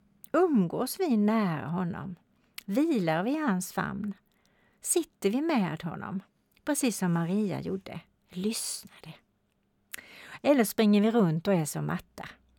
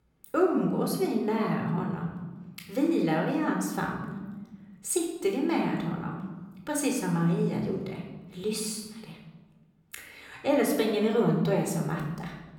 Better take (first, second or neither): first